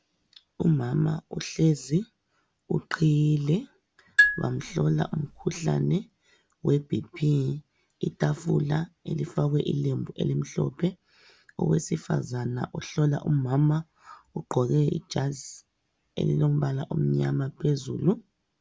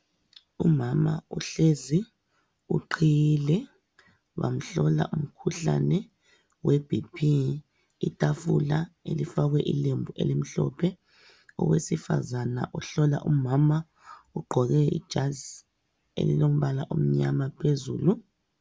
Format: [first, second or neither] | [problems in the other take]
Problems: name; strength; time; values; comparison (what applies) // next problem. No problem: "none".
second | background sound (Marimba, xylophone); as loud as the speech